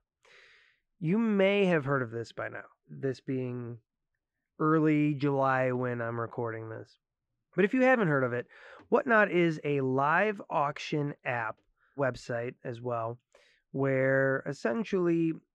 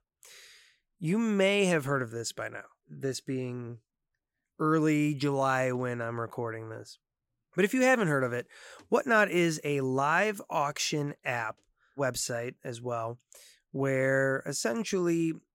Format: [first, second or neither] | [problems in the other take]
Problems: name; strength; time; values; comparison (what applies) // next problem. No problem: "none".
second | muffled; very; fading above 2.5 kHz